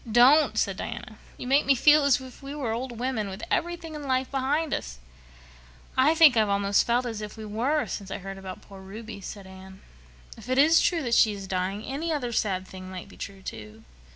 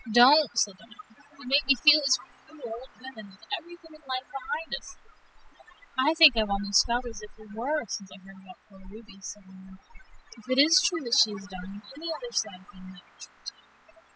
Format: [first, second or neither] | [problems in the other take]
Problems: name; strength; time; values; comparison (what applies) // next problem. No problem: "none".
first | noise reduction (classical method spectral subtraction)